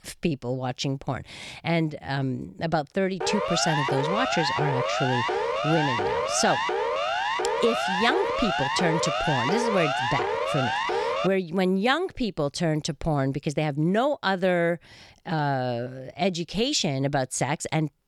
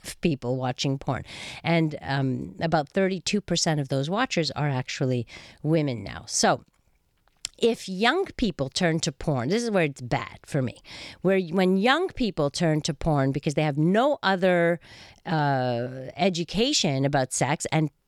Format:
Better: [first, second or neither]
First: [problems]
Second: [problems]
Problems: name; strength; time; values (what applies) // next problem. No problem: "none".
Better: second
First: siren; loud; from 3 to 11 s; peak 1 dB above the speech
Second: none